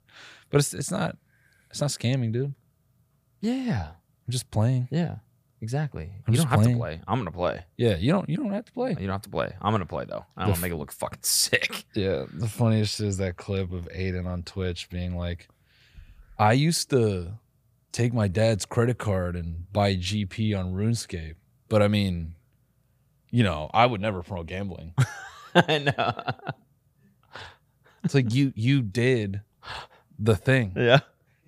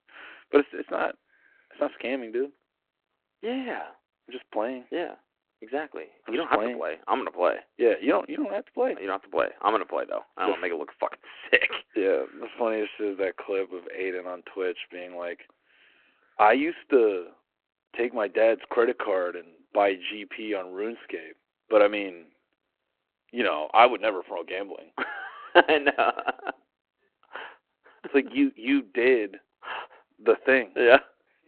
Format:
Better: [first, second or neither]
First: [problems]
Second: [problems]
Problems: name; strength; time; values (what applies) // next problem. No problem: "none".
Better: first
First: none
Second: phone-call audio